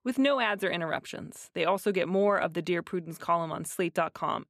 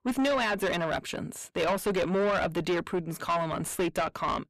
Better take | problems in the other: first | distortion; heavy; 5 dB below the speech

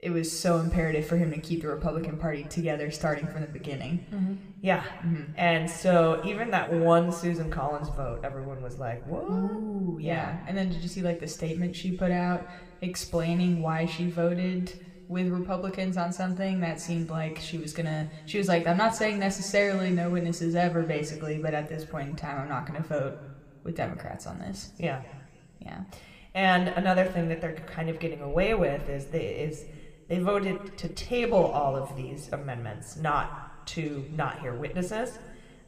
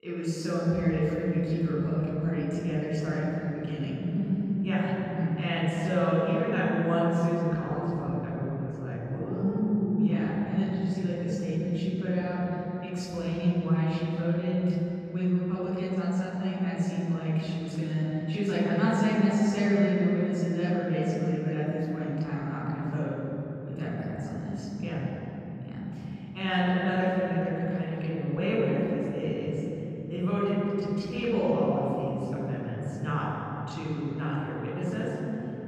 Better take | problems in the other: first | room echo; strong; dies away in 3 s; slight in the first // off-mic speech; far

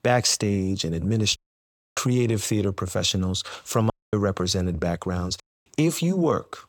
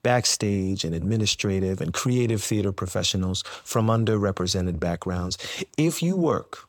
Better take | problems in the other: second | audio cutting out; at 1.5 s for 0.5 s, at 4 s and at 5.5 s

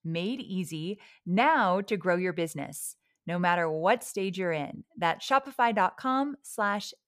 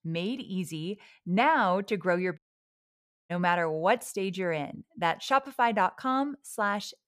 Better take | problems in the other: first | audio cutting out; at 2.5 s for 1 s

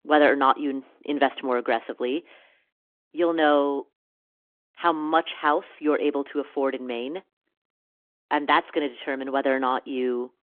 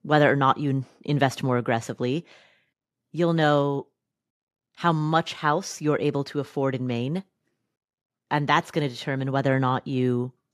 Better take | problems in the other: second | phone-call audio

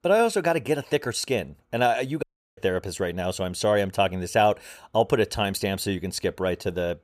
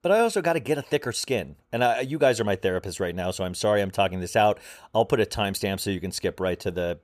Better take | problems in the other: second | audio cutting out; at 2 s

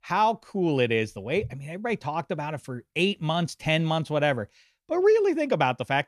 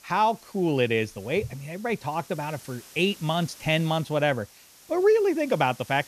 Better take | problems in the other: first | hiss; faint; throughout; 20 dB below the speech

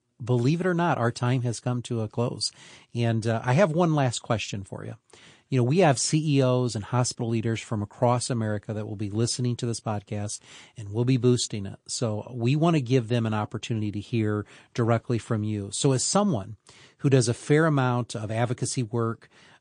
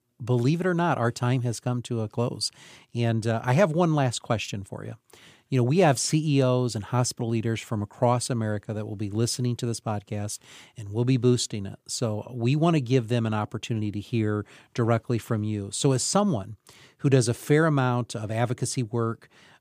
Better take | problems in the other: second | garbled, watery; slightly; nothing above 9.5 kHz

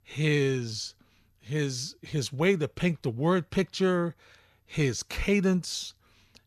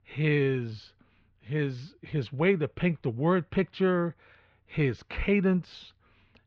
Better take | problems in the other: first | muffled; very; fading above 3 kHz

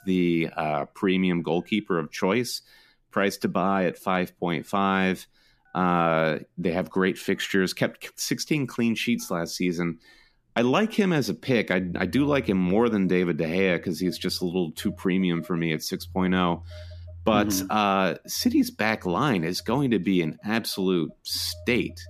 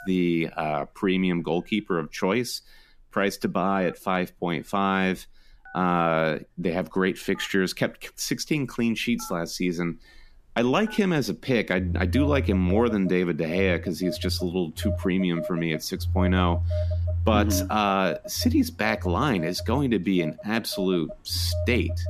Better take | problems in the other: first | alarms or sirens; loud; throughout; 6 dB below the speech; faint in the first

